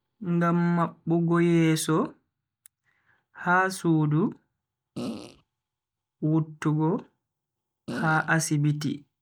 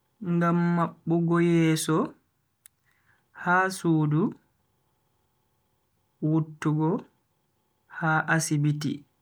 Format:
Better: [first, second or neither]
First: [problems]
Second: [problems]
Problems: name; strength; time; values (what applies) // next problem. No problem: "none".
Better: second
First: noise reduction (neural mask model DeepFilterNet 3)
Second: none